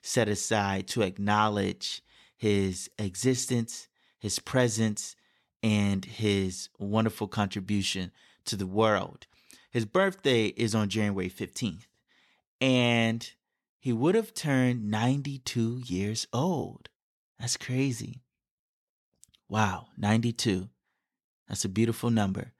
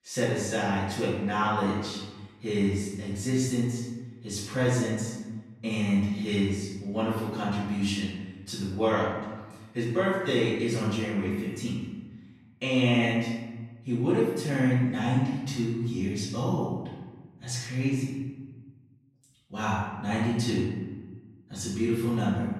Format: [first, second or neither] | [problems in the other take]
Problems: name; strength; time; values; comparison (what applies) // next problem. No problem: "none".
first | off-mic speech; far // room echo; strong; dies away in 1.2 s